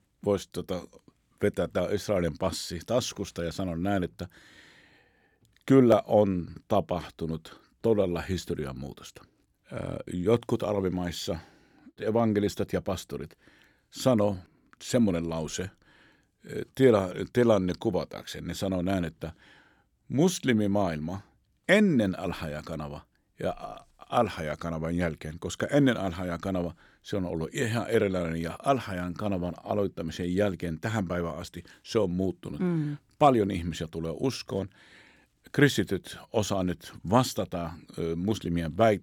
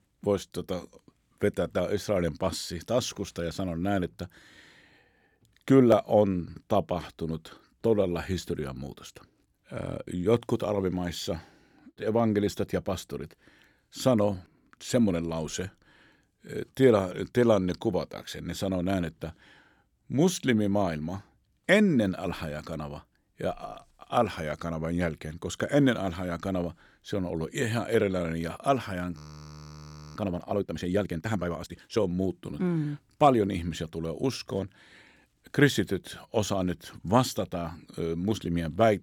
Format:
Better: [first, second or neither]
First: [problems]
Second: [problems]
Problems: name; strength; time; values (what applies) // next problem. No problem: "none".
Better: first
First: none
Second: audio freezing; at 29 s for 1 s